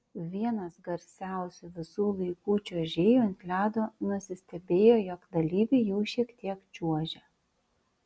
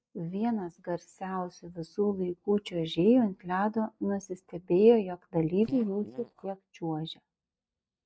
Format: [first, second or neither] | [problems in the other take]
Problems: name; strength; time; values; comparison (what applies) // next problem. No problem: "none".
first | noise reduction (neural mask model DeepFilterNet 3)